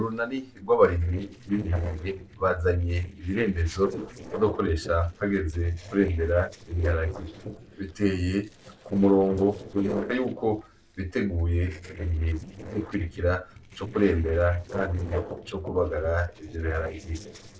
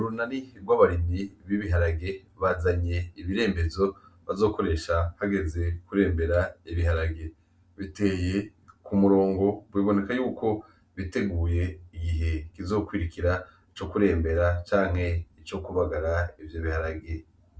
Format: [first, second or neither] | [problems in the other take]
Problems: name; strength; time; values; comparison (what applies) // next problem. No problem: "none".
second | noise reduction (neural separator model SepFormer DNS4)